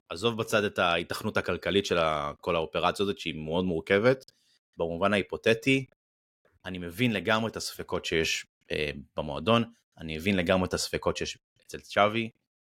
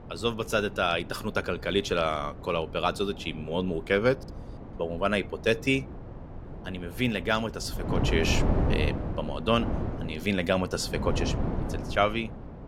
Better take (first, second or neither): first